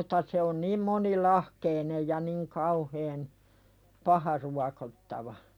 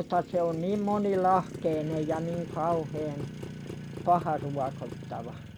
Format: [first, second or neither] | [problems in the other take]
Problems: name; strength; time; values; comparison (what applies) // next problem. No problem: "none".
first | background sound (Motorcycle); 10 dB below the speech